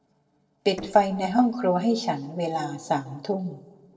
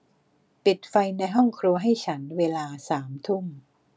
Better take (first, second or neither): second